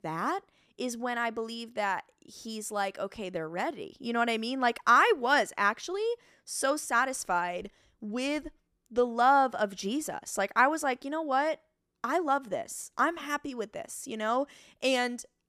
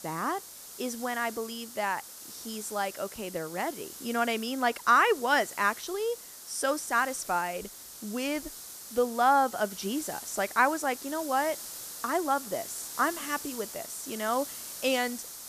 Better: first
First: none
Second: hiss; noticeable; throughout; 10 dB below the speech

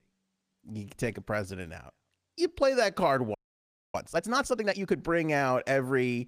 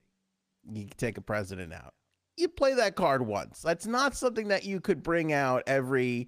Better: second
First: audio freezing; at 3.5 s for 0.5 s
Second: none

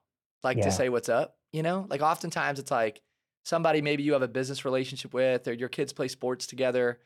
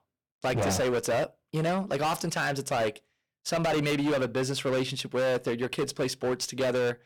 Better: first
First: none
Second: distortion; heavy; 23% of the sound clipped

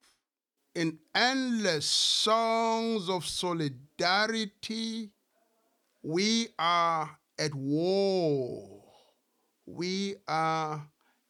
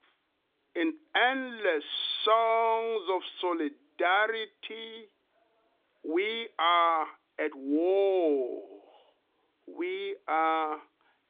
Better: first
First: none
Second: phone-call audio

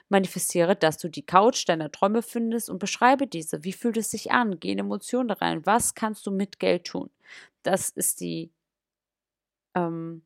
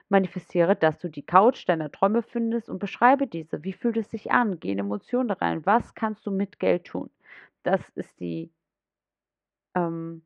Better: first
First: none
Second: muffled; very; fading above 2.5 kHz

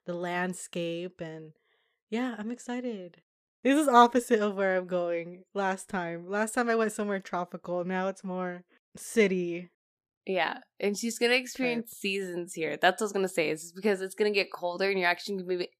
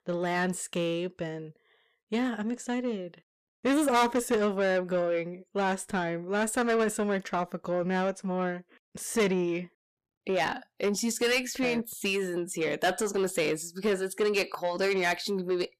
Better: first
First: none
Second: distortion; heavy; 7 dB below the speech

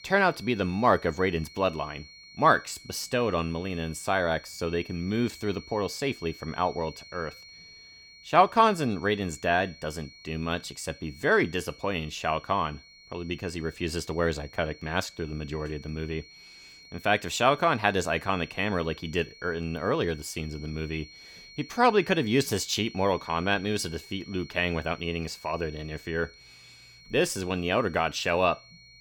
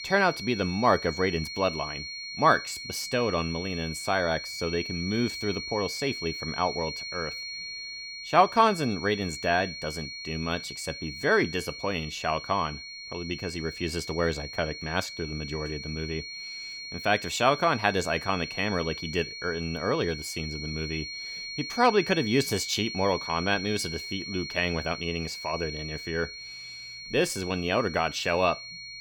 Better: first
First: high-pitched whine; faint; throughout; 4.5 kHz, 20 dB below the speech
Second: high-pitched whine; loud; throughout; 4.5 kHz, 8 dB below the speech

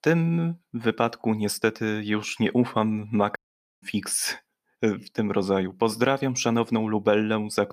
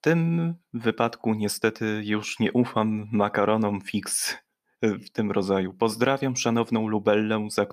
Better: second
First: audio cutting out; at 3.5 s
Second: none

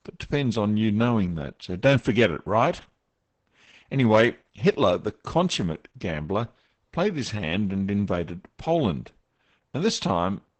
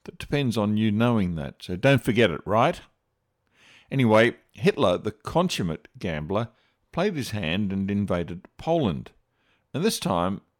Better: second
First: garbled, watery; badly; nothing above 8 kHz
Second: none

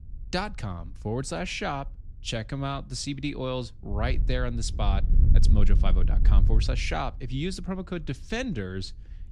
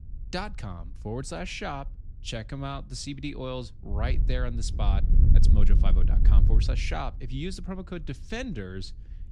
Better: first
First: wind noise on the microphone; occasional gusts; 10 dB below the speech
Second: wind noise on the microphone; heavy; 7 dB below the speech

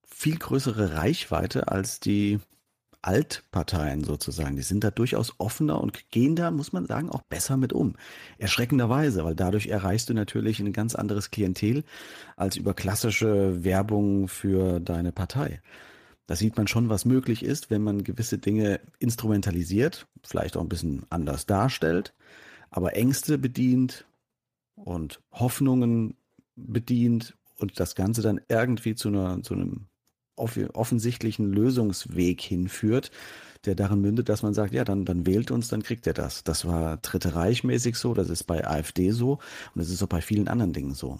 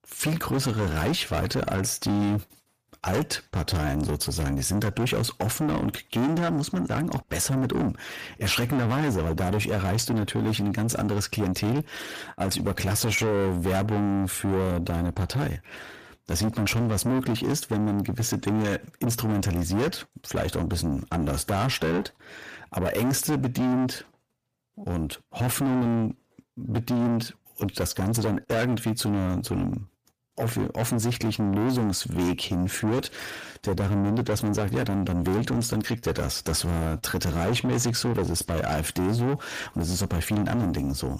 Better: first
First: none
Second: distortion; heavy; 6 dB below the speech

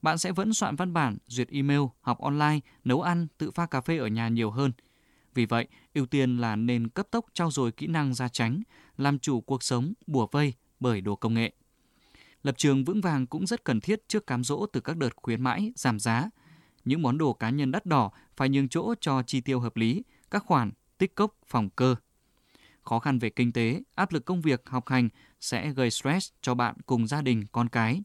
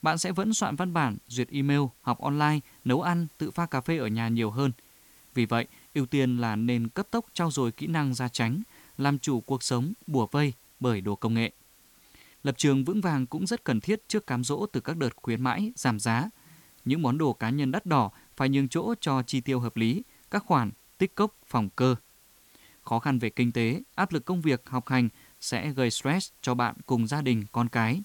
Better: first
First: none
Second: hiss; faint; throughout; 25 dB below the speech

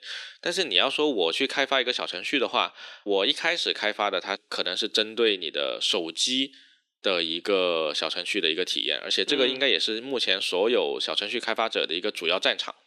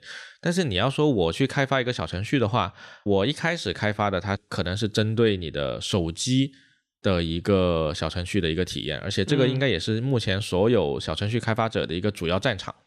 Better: second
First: thin; somewhat; fading below 300 Hz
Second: none

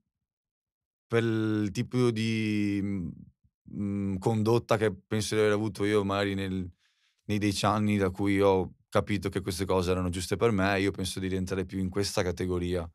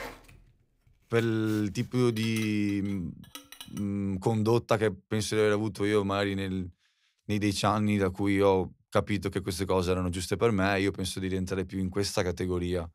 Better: first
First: none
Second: household noises; noticeable; until 4 s; 20 dB below the speech

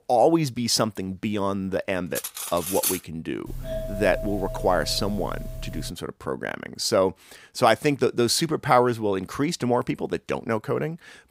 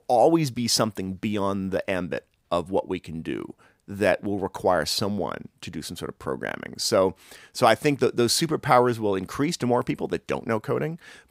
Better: second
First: clattering dishes; noticeable; at 2 s; peak level with the speech // doorbell; noticeable; from 3.5 to 6 s; peak 7 dB below the speech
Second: none

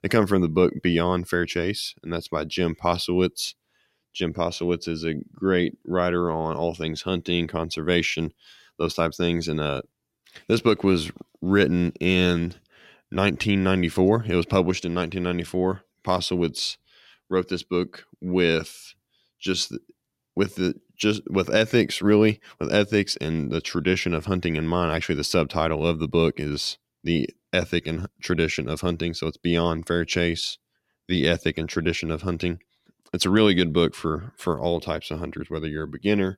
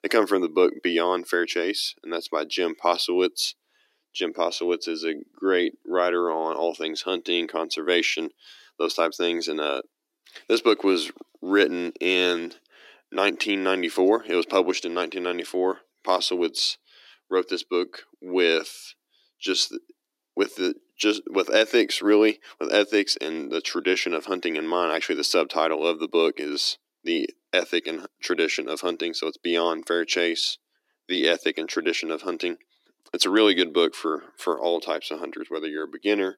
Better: first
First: none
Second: thin; somewhat; fading below 300 Hz

